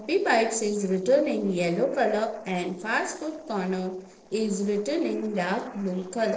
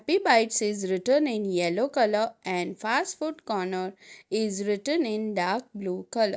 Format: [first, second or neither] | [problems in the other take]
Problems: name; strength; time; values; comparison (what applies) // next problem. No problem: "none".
second | noise reduction (neural separator model SepFormer DNS4)